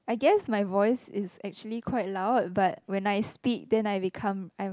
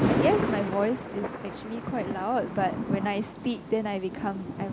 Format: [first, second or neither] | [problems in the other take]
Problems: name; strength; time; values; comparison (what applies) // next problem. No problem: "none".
first | background sound (Thunder); 1 dB below the speech